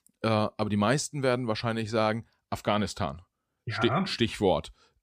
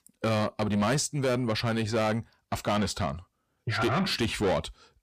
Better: first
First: none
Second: distortion; heavy; 8 dB below the speech

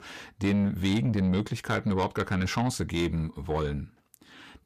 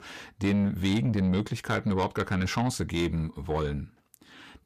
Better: neither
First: distortion; slight; 10 dB below the speech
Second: distortion; slight; 10 dB below the speech

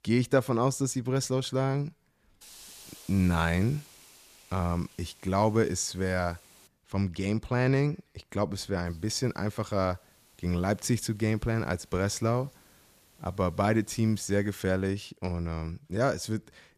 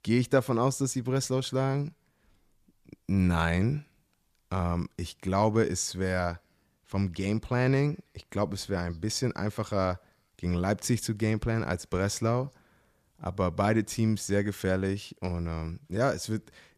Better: second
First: hiss; faint; from 2.5 to 6.5 s and from 9 to 15 s; 25 dB below the speech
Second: none

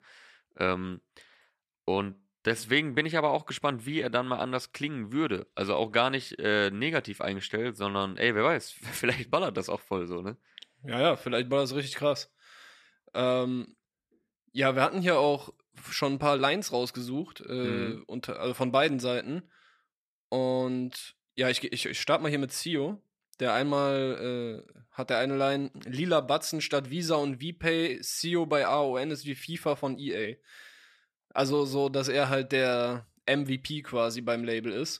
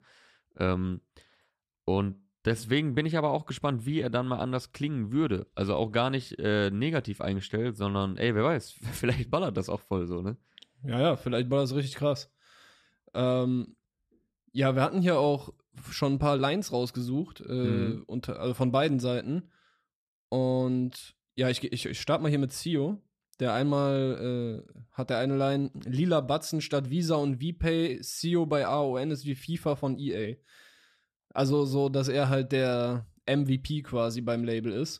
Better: second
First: thin; very slightly; fading below 850 Hz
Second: none

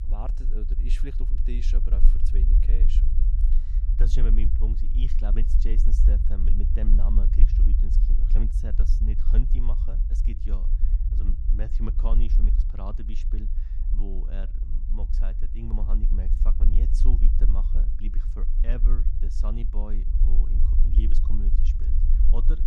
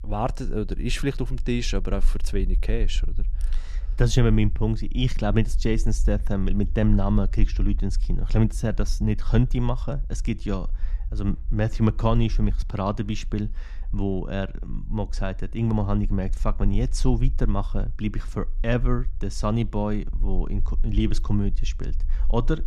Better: second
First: low rumble; loud; throughout; 4 dB below the speech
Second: low rumble; faint; throughout; 25 dB below the speech

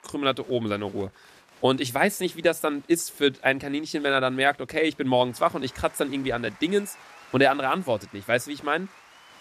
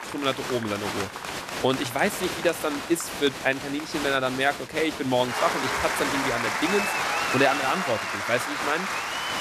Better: first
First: crowd noise; faint; throughout; 25 dB below the speech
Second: crowd noise; loud; throughout; 2 dB below the speech

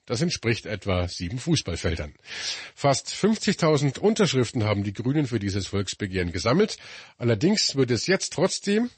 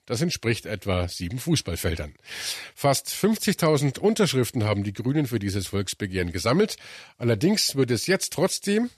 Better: second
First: garbled, watery; slightly; nothing above 8 kHz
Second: none

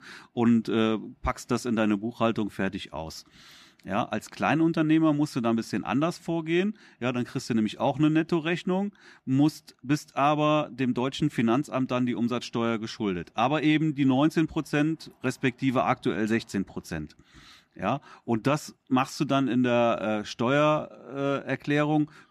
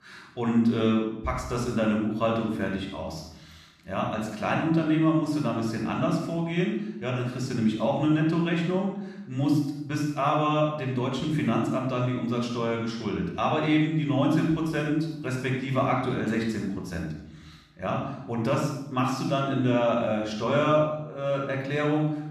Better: first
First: none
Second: off-mic speech; somewhat distant // room echo; noticeable; dies away in 0.7 s

